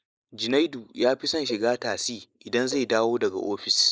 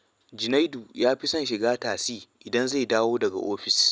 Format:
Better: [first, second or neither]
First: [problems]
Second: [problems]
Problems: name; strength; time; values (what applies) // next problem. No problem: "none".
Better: second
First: noise reduction (neural mask model Resemble Enhance denoiser)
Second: none